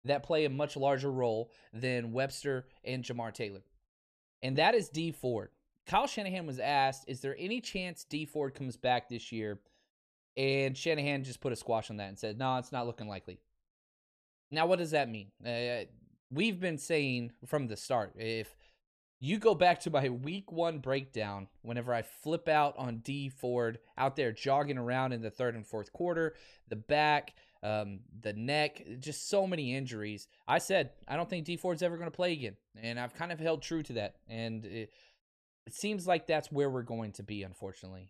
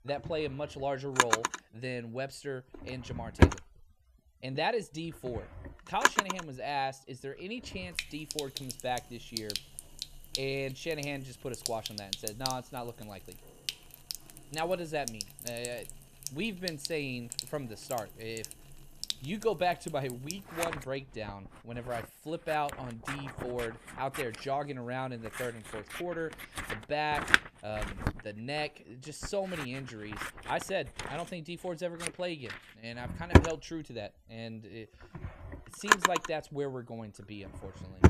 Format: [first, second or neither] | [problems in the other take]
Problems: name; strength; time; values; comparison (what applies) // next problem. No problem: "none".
first | household noises; very loud; throughout; 3 dB above the speech